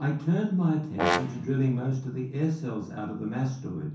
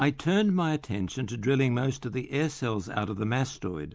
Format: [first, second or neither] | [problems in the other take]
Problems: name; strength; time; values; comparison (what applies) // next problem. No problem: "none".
second | background sound (Brass instrument); 4 dB below the speech // room echo; dies away in 0.6 s